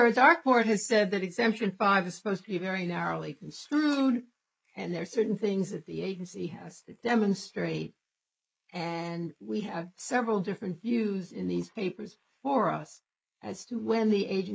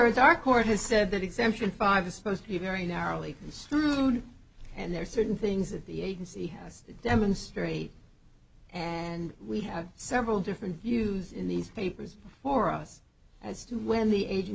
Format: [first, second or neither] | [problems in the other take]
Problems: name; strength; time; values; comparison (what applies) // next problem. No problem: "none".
second | noise reduction (neural mask model Resemble Enhance denoiser)